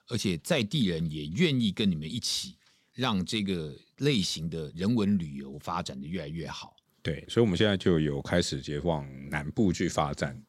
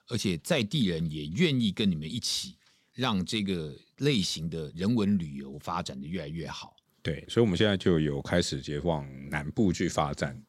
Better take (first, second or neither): neither